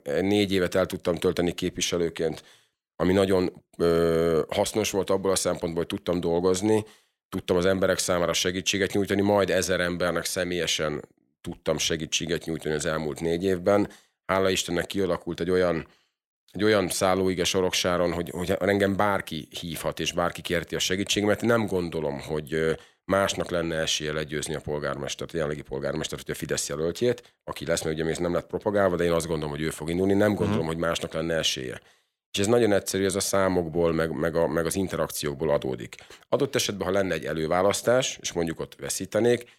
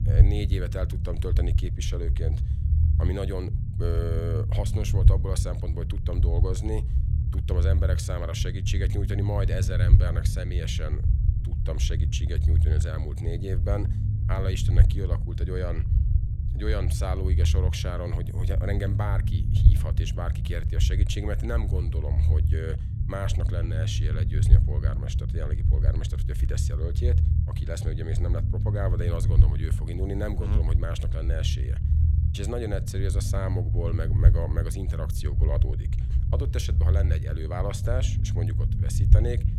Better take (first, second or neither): first